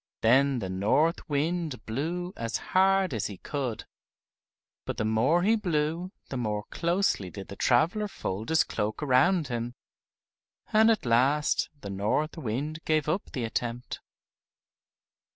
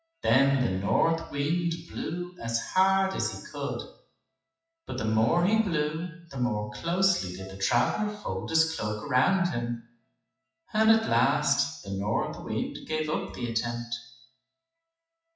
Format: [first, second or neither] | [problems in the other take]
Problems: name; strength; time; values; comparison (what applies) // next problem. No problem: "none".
first | noise reduction (classical method WPE with log-MMSE)